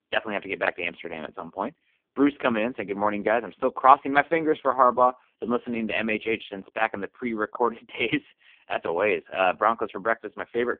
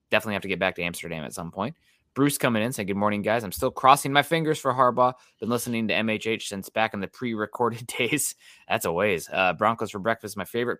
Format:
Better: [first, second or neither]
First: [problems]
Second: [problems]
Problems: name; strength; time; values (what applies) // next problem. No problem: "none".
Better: second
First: phone-call audio; poor line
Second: none